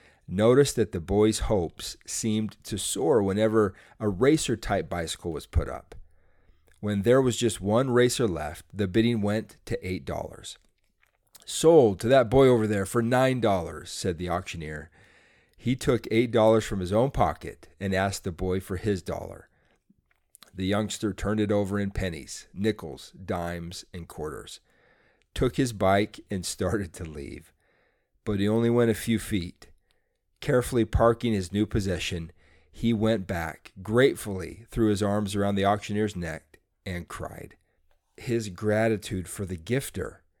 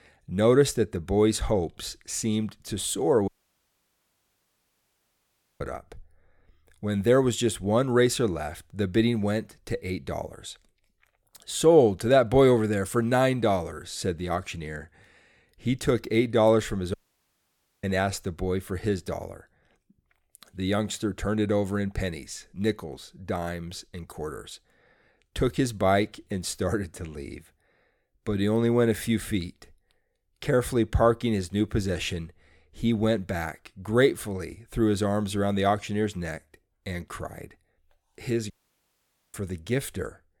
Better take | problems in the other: first | audio cutting out; at 3.5 s for 2.5 s, at 17 s for 1 s and at 39 s for 1 s

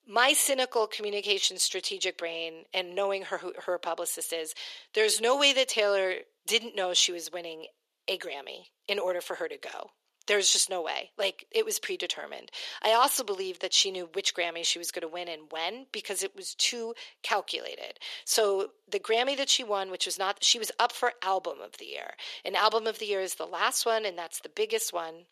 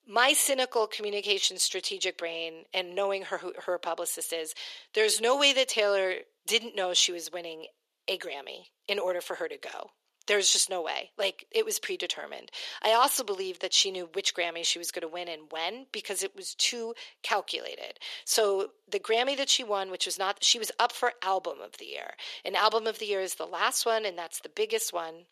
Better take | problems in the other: neither | thin; very; fading below 400 Hz; the same in both

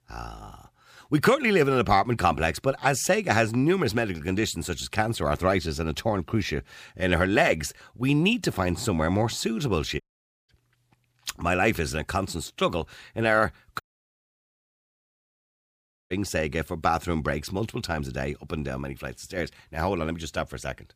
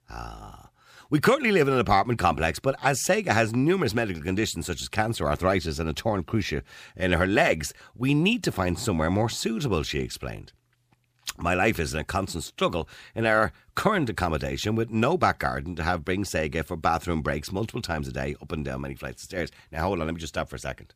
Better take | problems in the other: second | audio cutting out; at 10 s and at 14 s for 2.5 s

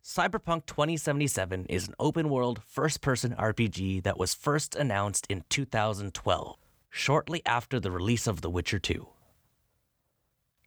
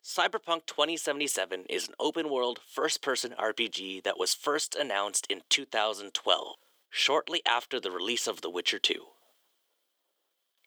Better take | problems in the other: first | thin; somewhat; fading below 350 Hz

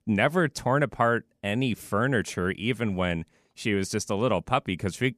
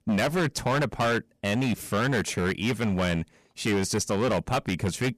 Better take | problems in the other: first | distortion; heavy; 18% of the sound clipped

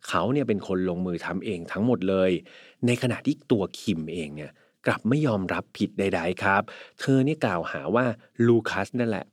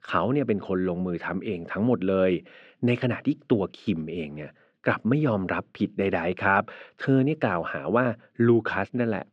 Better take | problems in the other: first | muffled; slightly; fading above 2 kHz

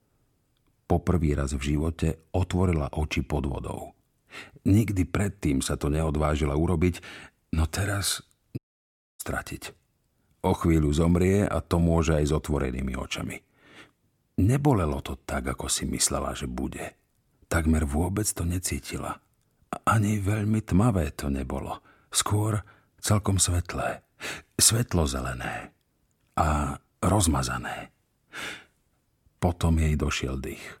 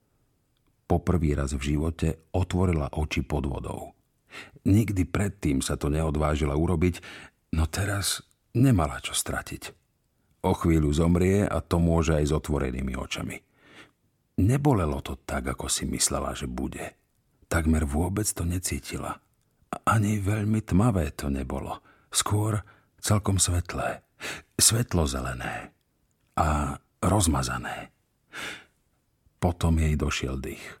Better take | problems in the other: second | audio cutting out; at 8.5 s for 0.5 s

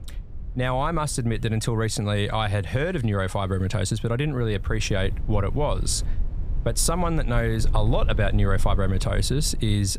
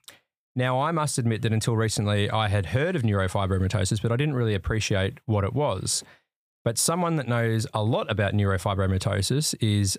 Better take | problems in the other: second | low rumble; faint; throughout; 20 dB below the speech

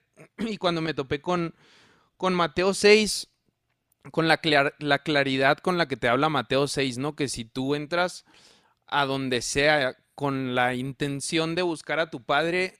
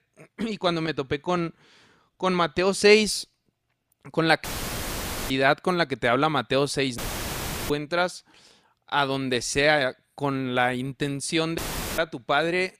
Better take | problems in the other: first | audio cutting out; filled with static; at 4.5 s for 1 s, at 7 s for 0.5 s and at 12 s

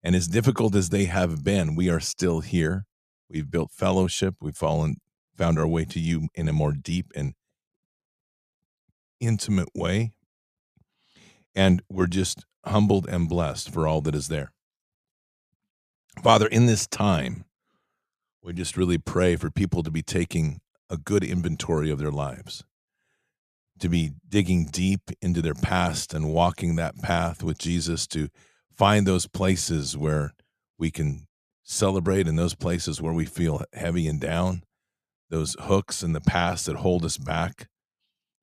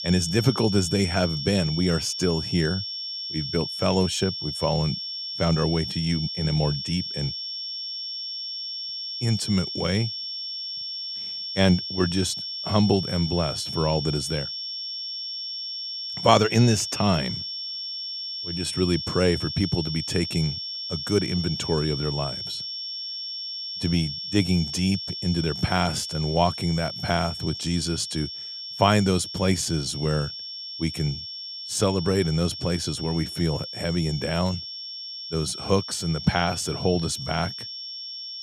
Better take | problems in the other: first | high-pitched whine; loud; throughout; 5.5 kHz, 5 dB below the speech

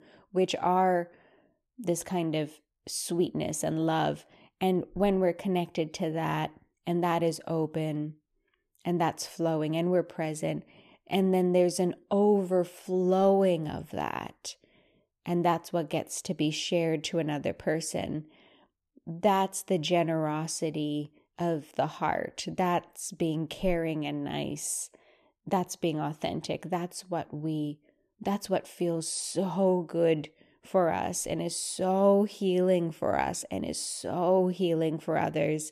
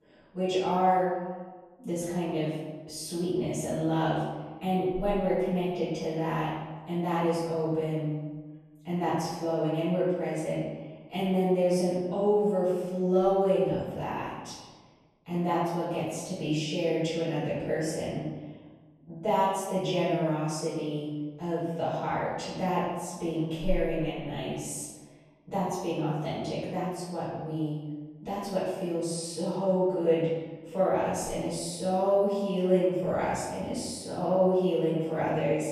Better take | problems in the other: first | off-mic speech; far // room echo; strong; dies away in 1.2 s

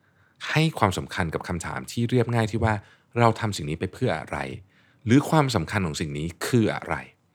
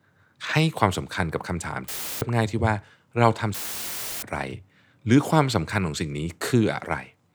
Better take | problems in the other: first | audio cutting out; filled with static; at 2 s and at 3.5 s for 0.5 s

